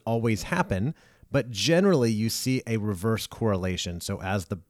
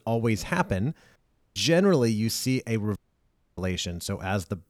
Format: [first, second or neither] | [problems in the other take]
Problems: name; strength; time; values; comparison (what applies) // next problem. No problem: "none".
first | audio cutting out; at 1 s and at 3 s for 0.5 s